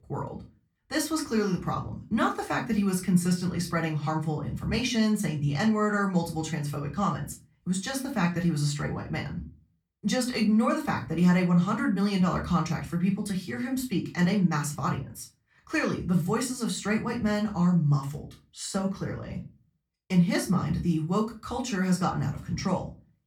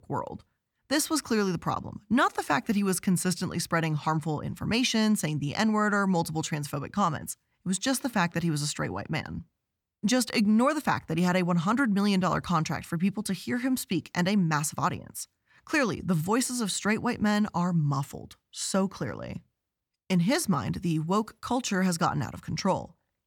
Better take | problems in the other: second | off-mic speech; far // room echo; very slight; dies away in 0.3 s

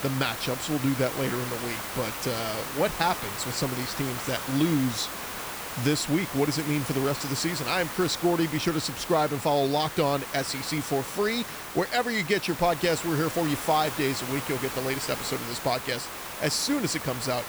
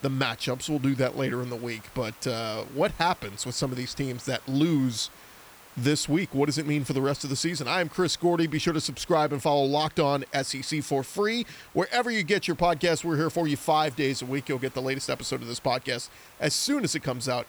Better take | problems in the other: second | hiss; loud; throughout; 6 dB below the speech; faint in the second

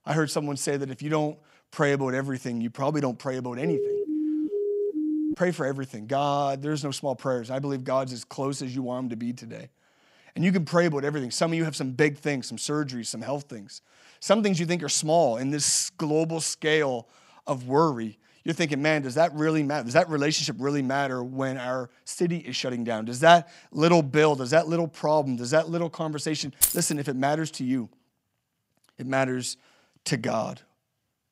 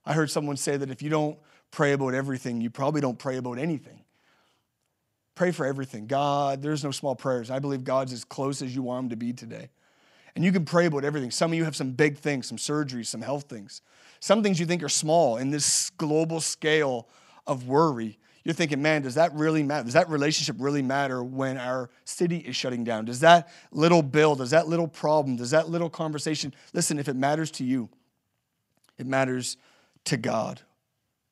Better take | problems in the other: second | siren; noticeable; from 3.5 to 5.5 s; peak 1 dB below the speech // jangling keys; loud; at 27 s; peak 3 dB above the speech

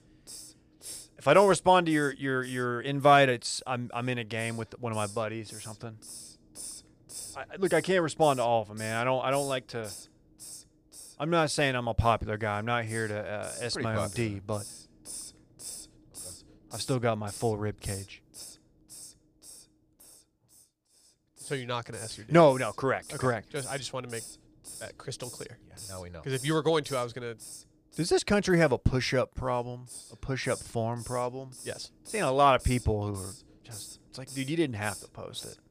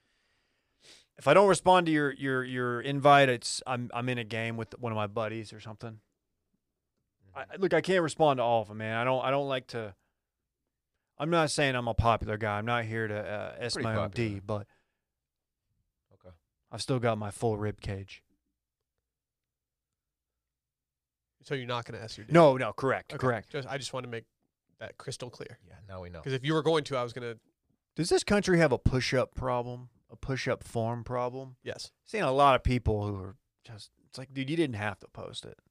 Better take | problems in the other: second | hiss; noticeable; throughout; 15 dB below the speech

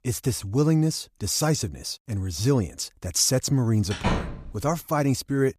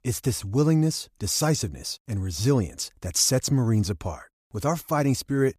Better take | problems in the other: second | door banging; noticeable; at 4 s; peak 3 dB below the speech

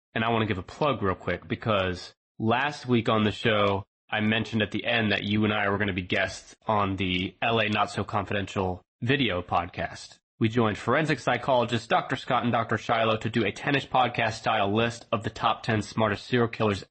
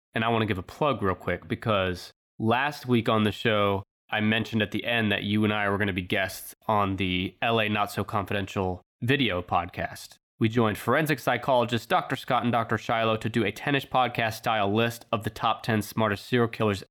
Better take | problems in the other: second | garbled, watery; slightly; nothing above 8 kHz

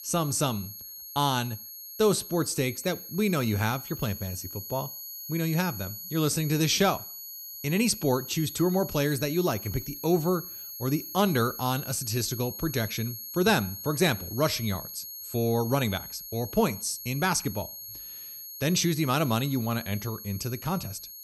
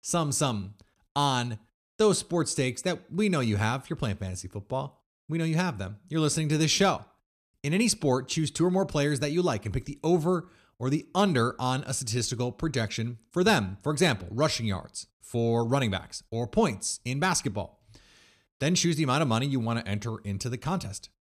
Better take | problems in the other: second | high-pitched whine; loud; throughout; 11.5 kHz, 10 dB below the speech

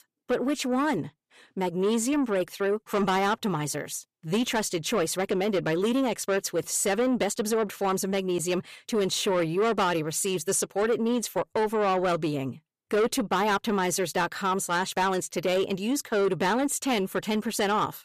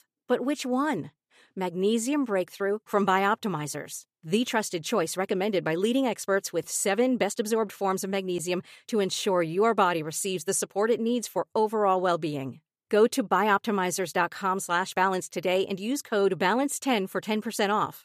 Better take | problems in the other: second | distortion; slight; 10 dB below the speech

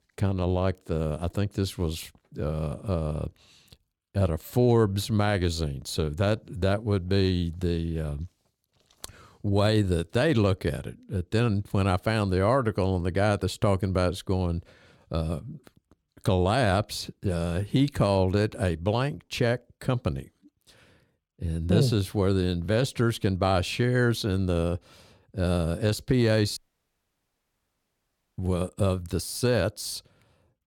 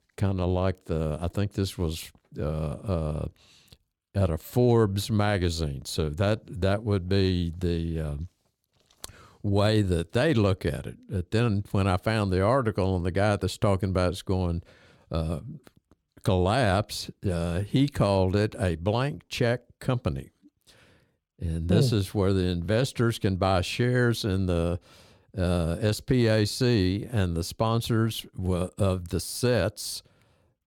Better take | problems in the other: second | audio cutting out; at 27 s for 2 s

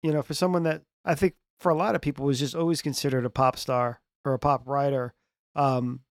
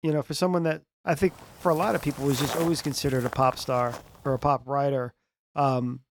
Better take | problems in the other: first | footsteps; noticeable; from 1.5 to 4.5 s; peak 5 dB below the speech

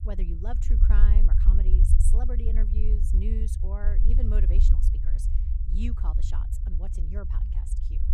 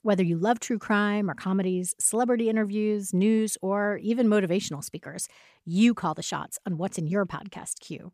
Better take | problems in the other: second | low rumble; loud; throughout; 2 dB below the speech

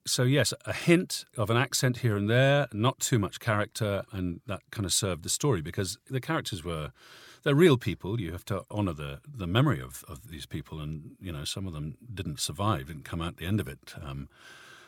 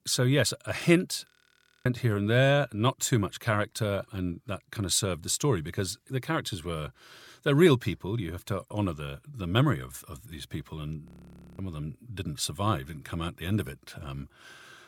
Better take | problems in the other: first | audio freezing; at 1.5 s for 0.5 s and at 11 s for 0.5 s

